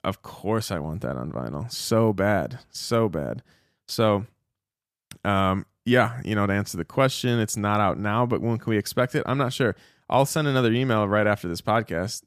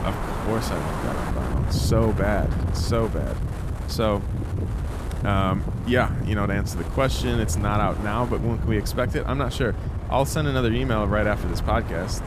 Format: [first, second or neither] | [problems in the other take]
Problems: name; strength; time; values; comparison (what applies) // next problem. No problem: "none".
first | wind noise on the microphone; heavy; 9 dB below the speech